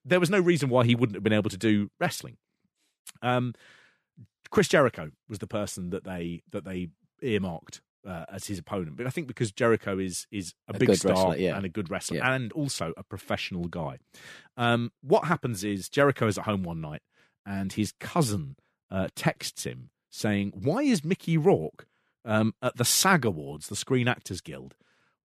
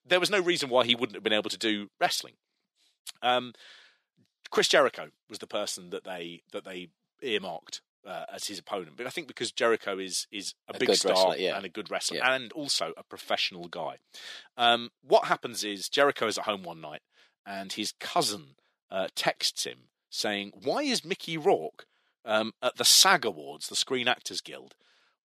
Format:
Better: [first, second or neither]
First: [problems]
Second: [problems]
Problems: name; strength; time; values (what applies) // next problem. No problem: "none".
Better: first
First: none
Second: thin; somewhat; fading below 400 Hz